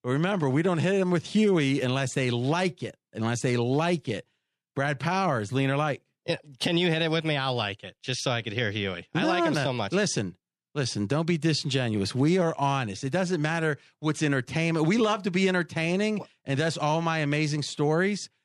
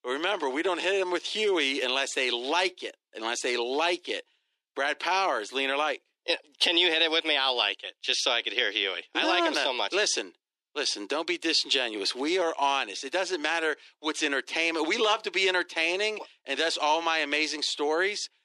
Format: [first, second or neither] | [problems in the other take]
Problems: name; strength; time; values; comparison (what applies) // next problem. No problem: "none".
first | thin; very; fading below 300 Hz